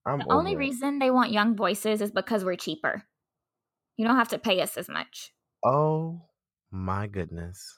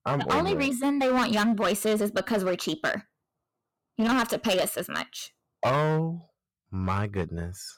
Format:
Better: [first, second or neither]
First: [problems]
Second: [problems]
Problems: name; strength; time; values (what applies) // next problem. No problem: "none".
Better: first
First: none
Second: distortion; heavy; 11% of the sound clipped